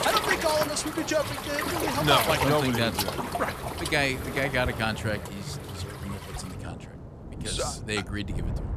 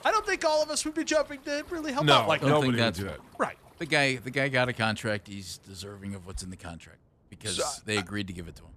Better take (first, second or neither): second